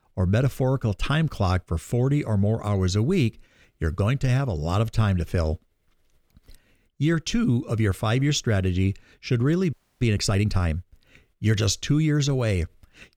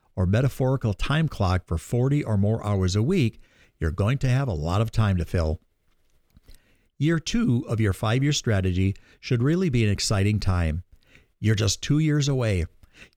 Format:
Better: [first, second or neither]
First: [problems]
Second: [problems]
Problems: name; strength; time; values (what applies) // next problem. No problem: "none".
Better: second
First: audio freezing; at 9.5 s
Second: none